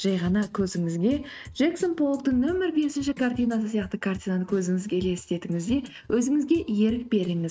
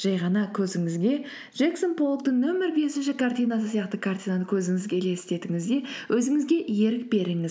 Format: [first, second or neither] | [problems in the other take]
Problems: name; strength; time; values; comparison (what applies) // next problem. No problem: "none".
second | noise reduction (neural mask model RNNoise)